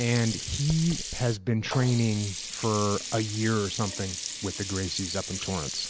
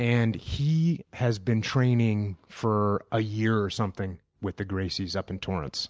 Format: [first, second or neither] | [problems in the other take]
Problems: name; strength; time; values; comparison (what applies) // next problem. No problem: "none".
second | background sound (Sink (filling or washing)); 8 dB below the speech